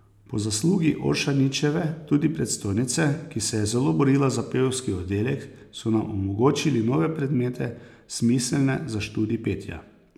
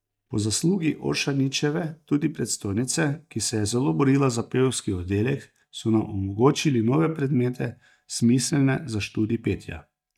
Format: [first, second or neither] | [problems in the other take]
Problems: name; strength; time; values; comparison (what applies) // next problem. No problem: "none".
first | noise reduction (neural mask model DeepFilterNet 3)